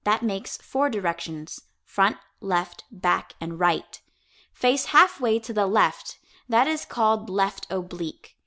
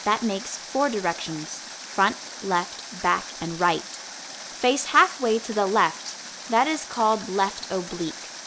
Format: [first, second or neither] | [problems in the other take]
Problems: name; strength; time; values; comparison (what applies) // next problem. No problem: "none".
first | background sound (Water); 13 dB below the speech